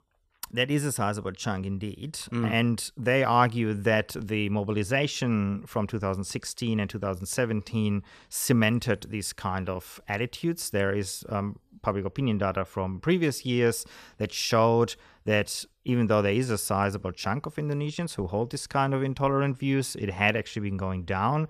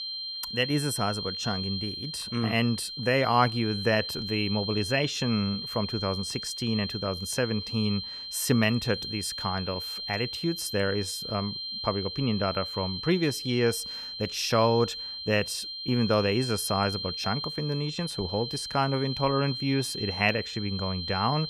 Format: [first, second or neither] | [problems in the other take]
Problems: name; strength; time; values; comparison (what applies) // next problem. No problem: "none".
first | high-pitched whine; loud; throughout; 4 kHz, 5 dB below the speech